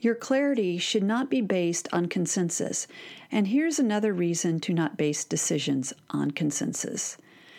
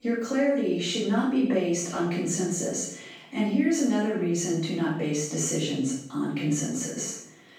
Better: first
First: none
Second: room echo; noticeable; dies away in 0.6 s // off-mic speech; far

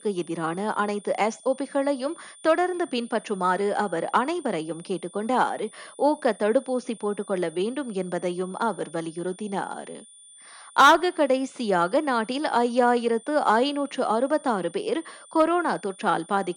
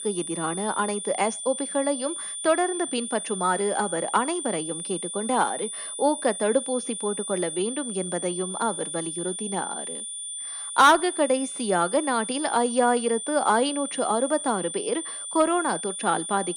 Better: first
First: high-pitched whine; faint; throughout; 9 kHz, 20 dB below the speech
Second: high-pitched whine; loud; throughout; 9 kHz, 6 dB below the speech

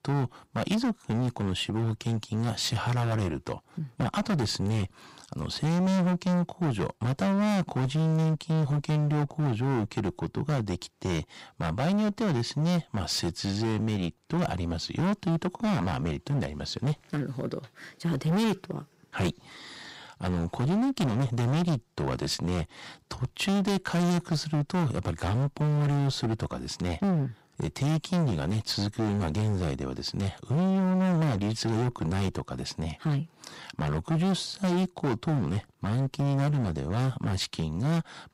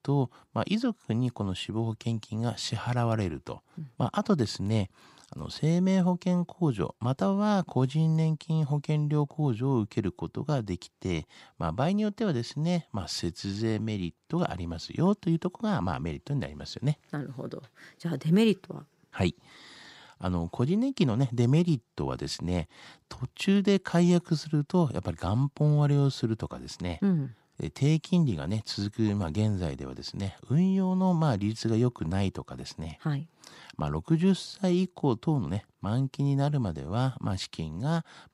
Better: second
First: distortion; heavy; 23% of the sound clipped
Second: none

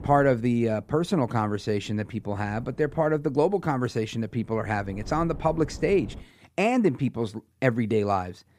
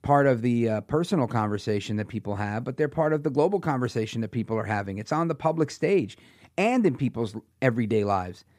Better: second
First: wind noise on the microphone; occasional gusts; until 6 s; 25 dB below the speech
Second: none

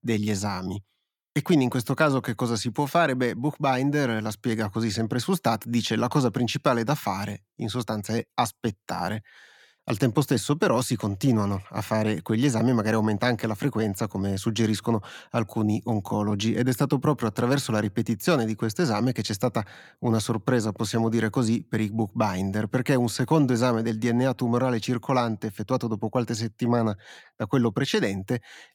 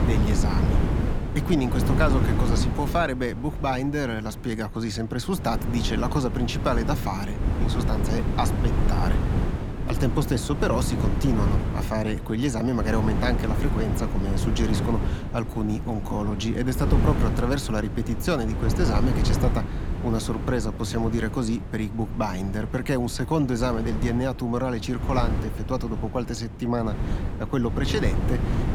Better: first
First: none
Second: wind noise on the microphone; heavy; 6 dB below the speech

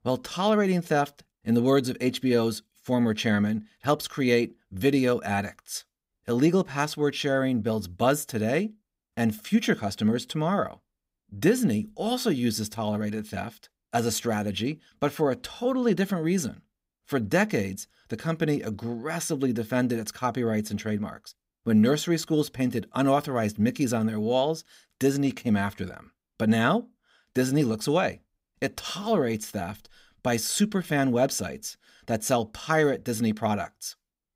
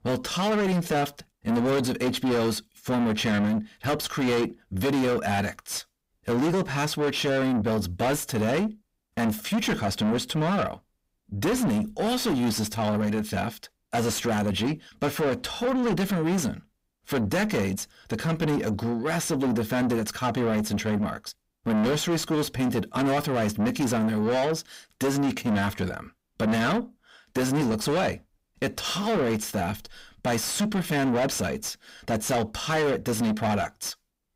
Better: first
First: none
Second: distortion; heavy; 6 dB below the speech

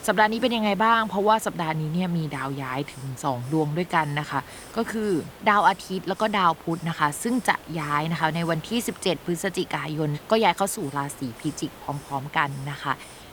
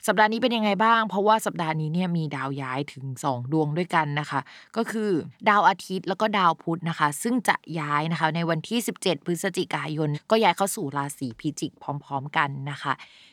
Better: second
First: hiss; noticeable; throughout; 20 dB below the speech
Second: none

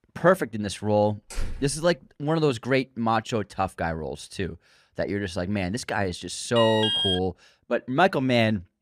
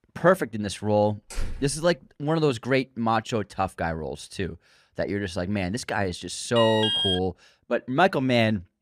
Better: neither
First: door banging; faint; at 1.5 s; peak 10 dB below the speech // alarm; loud; at 6.5 s; peak 3 dB above the speech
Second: door banging; faint; at 1.5 s; peak 10 dB below the speech // alarm; loud; at 6.5 s; peak 3 dB above the speech

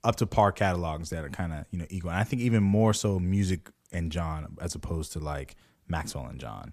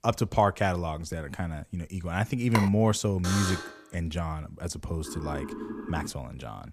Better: first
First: none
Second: phone ringing; noticeable; at 2.5 s; peak 3 dB below the speech // alarm; noticeable; at 3 s; peak 1 dB below the speech // siren; noticeable; from 5 to 6 s; peak 8 dB below the speech

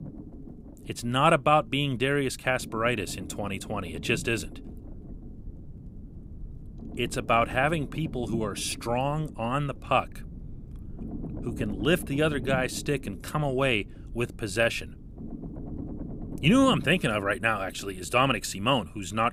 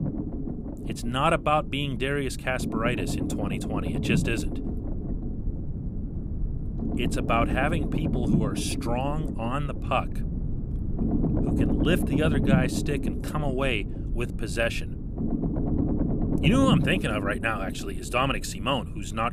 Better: first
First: low rumble; faint; throughout; 20 dB below the speech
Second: low rumble; loud; throughout; 8 dB below the speech

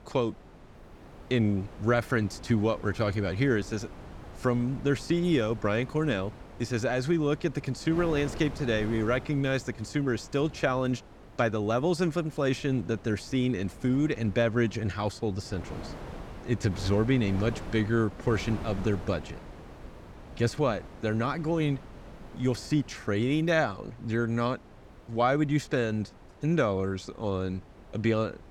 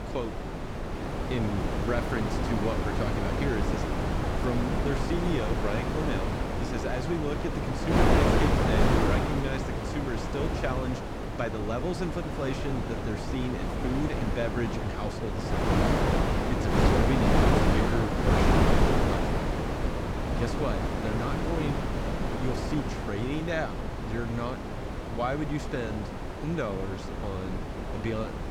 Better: first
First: wind noise on the microphone; occasional gusts; 15 dB below the speech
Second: wind noise on the microphone; heavy; 4 dB above the speech

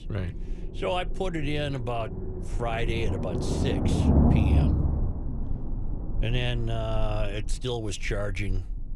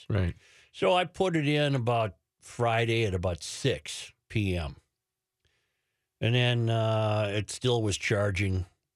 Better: second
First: low rumble; loud; throughout; 3 dB below the speech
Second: none

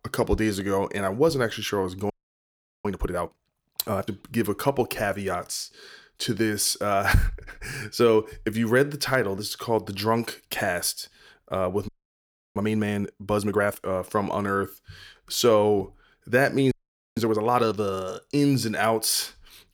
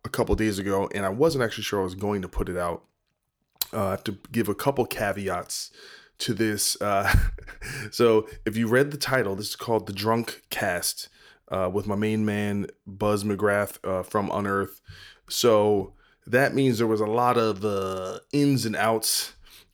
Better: second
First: audio freezing; at 2 s for 1 s, at 12 s for 0.5 s and at 17 s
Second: none

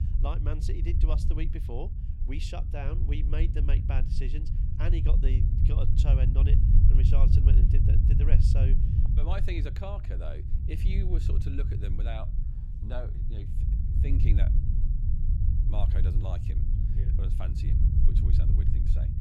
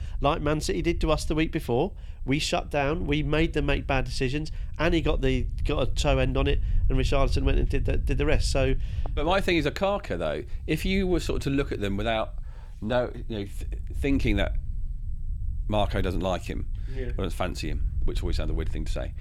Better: second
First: low rumble; loud; throughout; 1 dB below the speech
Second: low rumble; faint; throughout; 25 dB below the speech

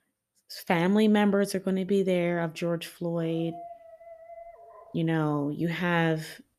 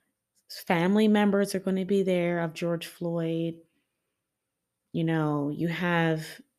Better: second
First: dog barking; faint; from 3 to 5 s; peak 15 dB below the speech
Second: none

